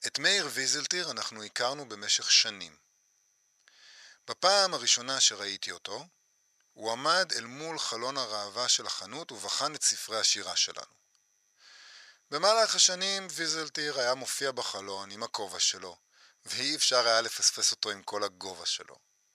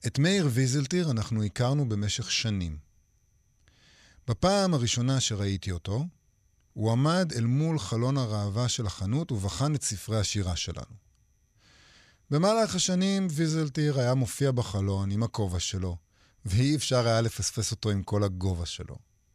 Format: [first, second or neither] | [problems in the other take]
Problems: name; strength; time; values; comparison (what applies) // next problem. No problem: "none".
second | thin; very; fading below 700 Hz